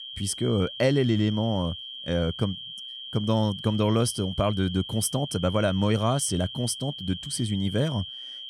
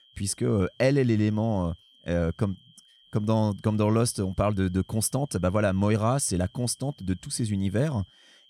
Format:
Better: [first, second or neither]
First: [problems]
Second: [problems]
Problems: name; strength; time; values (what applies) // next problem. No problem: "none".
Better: second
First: high-pitched whine; loud; throughout; 3 kHz, 10 dB below the speech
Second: high-pitched whine; faint; throughout; 3 kHz, 30 dB below the speech